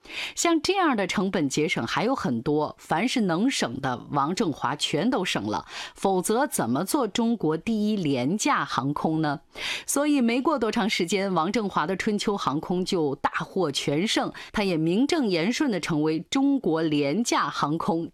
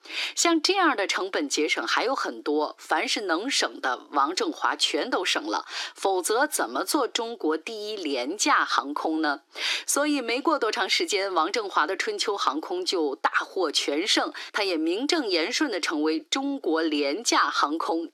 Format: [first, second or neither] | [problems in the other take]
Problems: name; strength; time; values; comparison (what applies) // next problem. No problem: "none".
first | thin; somewhat; fading below 300 Hz